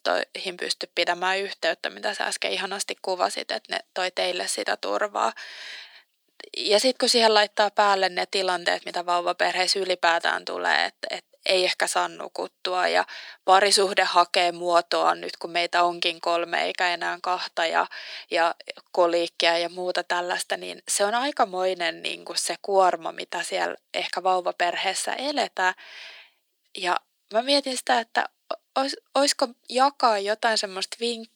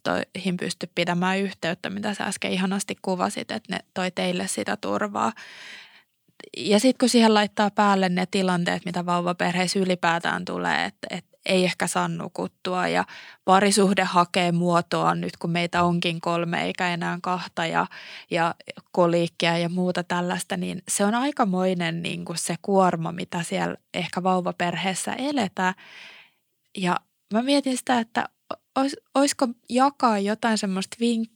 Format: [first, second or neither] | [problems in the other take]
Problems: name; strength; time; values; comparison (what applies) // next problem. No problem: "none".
second | thin; very; fading below 350 Hz